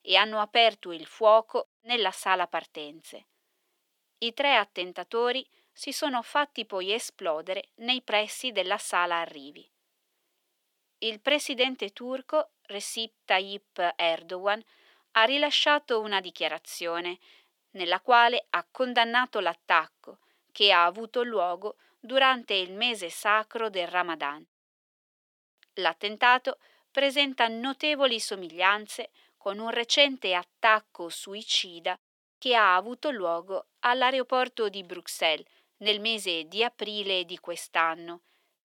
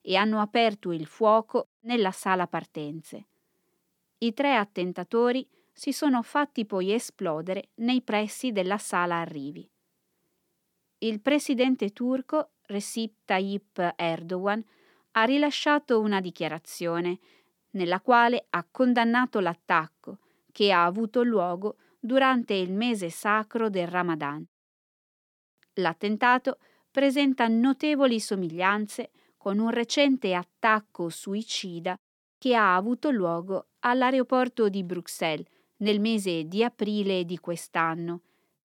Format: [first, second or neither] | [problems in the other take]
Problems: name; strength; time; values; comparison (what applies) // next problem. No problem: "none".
second | thin; somewhat; fading below 500 Hz